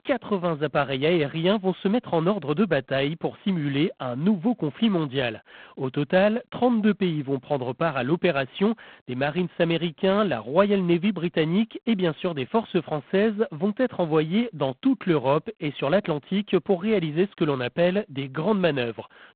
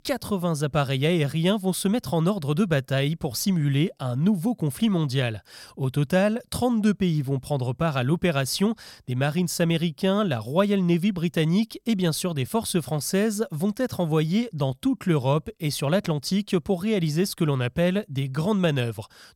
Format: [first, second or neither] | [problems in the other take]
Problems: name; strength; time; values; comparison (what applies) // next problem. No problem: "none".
second | phone-call audio; poor line; nothing above 3.5 kHz